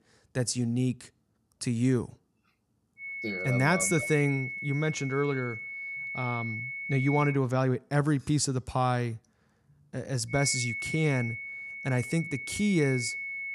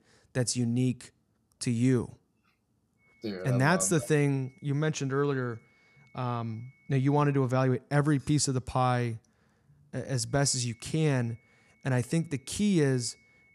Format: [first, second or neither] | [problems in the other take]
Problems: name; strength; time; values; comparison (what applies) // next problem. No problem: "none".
second | high-pitched whine; loud; from 3 to 7.5 s and from 10 s on; 2 kHz, 6 dB below the speech; faint in the second